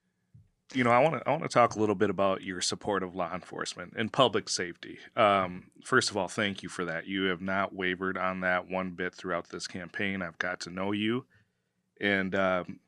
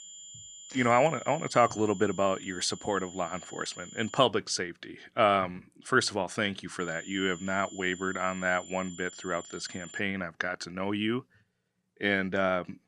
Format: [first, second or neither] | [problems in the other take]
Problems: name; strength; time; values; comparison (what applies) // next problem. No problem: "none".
first | high-pitched whine; noticeable; until 4 s and from 7 to 10 s; 7 kHz, 15 dB below the speech